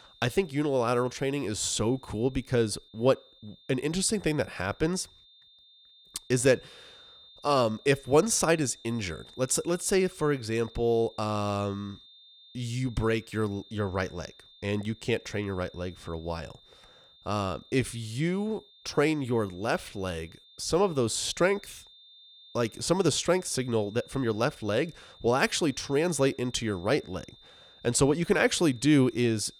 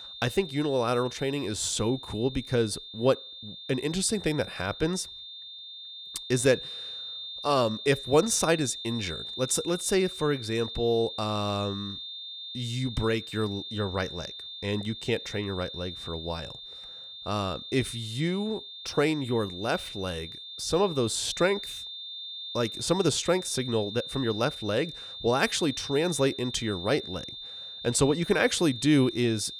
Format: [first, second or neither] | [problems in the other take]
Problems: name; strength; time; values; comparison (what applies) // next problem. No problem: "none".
first | high-pitched whine; loud; throughout; 3.5 kHz, 10 dB below the speech; faint in the first